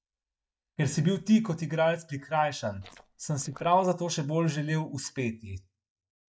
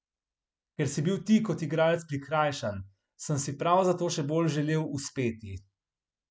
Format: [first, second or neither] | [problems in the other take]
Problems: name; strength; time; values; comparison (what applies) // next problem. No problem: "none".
second | noise reduction (neural mask model DeepFilterNet 3)